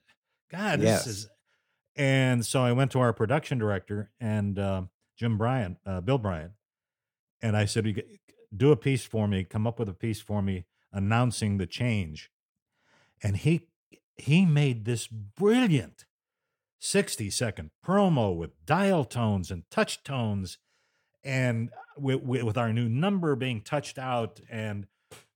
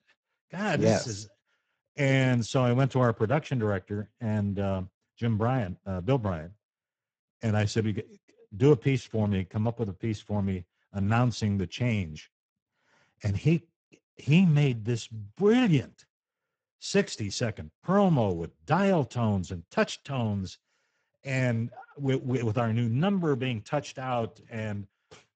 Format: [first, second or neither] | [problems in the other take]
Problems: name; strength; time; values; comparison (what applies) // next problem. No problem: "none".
first | garbled, watery; badly; nothing above 8 kHz